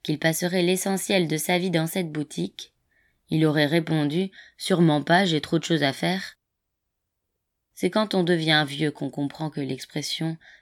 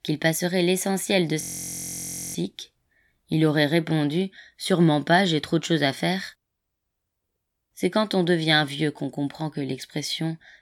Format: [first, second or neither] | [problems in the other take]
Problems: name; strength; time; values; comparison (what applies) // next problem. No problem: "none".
first | audio freezing; at 1.5 s for 1 s